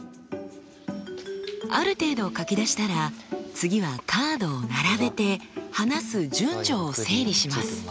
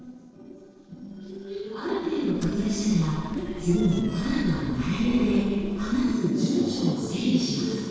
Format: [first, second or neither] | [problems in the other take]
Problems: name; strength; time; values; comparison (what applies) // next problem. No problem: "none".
first | noise reduction (neural separator model SepFormer DNS4)